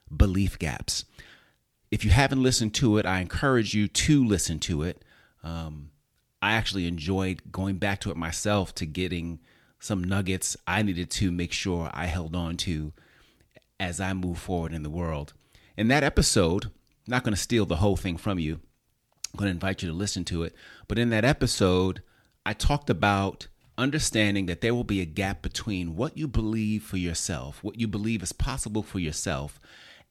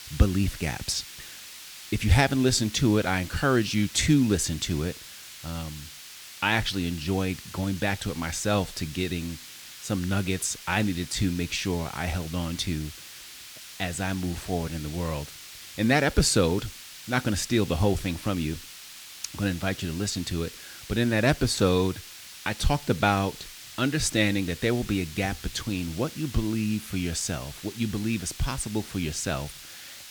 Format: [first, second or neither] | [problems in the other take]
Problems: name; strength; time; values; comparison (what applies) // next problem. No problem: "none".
first | hiss; noticeable; throughout; 15 dB below the speech